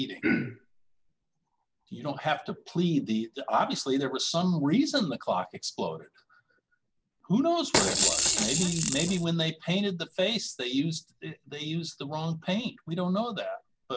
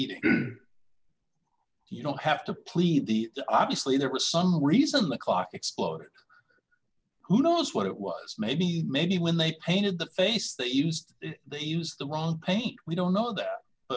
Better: second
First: background sound (Rattle / Rattle (instrument)); 4 dB above the speech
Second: none

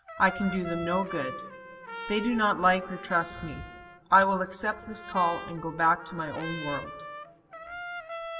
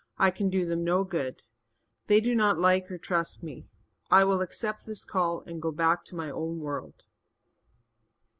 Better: second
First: background sound (Trumpet); 12 dB below the speech // room echo; dies away in 2.4 s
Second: none

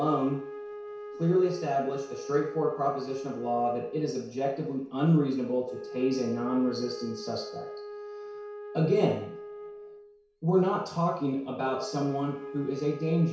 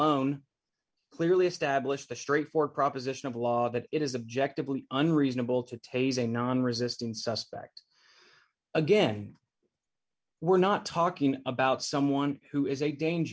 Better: second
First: background sound (Wind instrument, woodwind instrument); 12 dB below the speech // room echo; dies away in 0.6 s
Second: none

